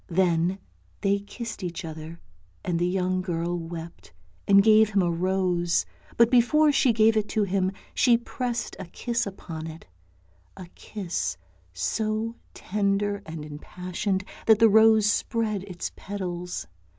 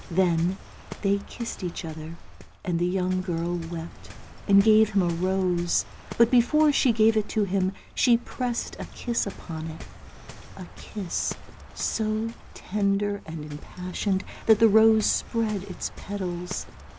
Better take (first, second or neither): first